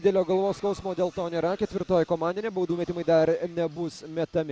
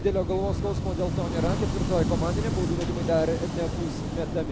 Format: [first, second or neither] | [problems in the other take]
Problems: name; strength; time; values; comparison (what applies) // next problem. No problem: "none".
first | background sound (Waves, surf / Wind); 1 dB above the speech